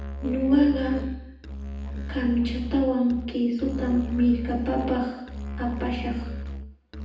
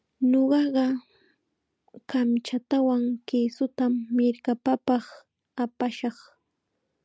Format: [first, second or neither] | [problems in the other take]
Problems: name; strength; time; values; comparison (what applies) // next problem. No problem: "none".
second | background sound (Musical instrument); 8 dB below the speech // room echo; dies away in 0.9 s